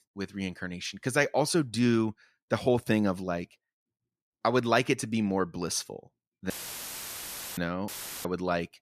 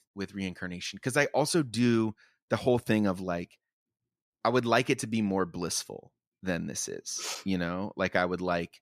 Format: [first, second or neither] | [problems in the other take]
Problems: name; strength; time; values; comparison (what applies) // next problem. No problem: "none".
second | audio cutting out; filled with static; at 6.5 s for 1 s and at 8 s